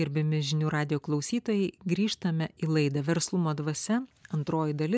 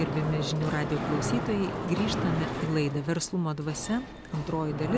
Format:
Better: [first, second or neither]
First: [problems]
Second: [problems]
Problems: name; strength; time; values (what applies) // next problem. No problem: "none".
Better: first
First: none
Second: background sound (Mechanisms); 4 dB below the speech